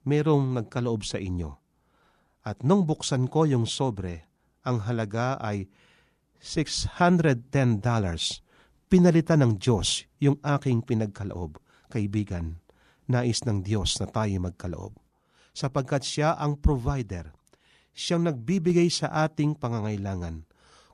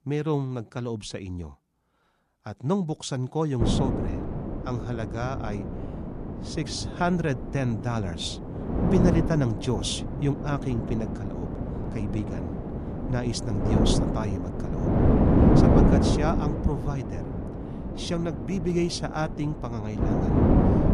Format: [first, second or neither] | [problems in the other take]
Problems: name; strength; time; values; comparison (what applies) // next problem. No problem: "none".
first | wind noise on the microphone; heavy; from 3.5 s on; as loud as the speech